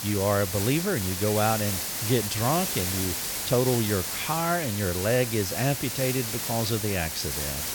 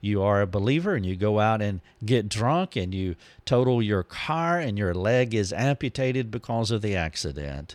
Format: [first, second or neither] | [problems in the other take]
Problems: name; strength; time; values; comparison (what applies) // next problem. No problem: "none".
second | hiss; loud; throughout; 2 dB below the speech